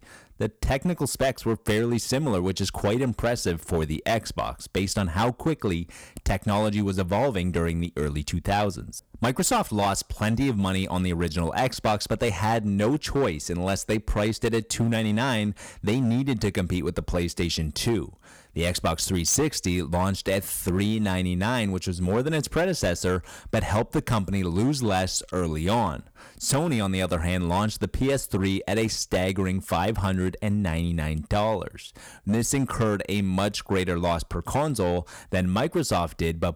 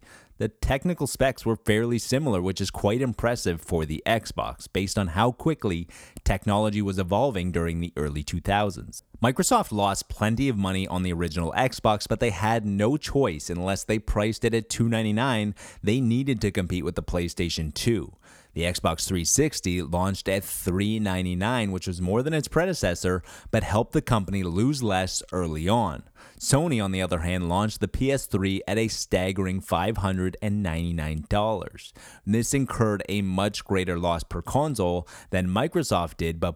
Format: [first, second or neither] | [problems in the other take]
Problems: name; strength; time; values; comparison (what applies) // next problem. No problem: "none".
second | distortion; slight; 8% of the sound clipped